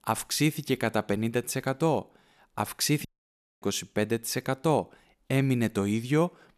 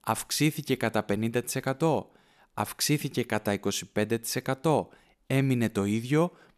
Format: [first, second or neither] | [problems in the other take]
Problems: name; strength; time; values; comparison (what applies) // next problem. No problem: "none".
second | audio cutting out; at 3 s for 0.5 s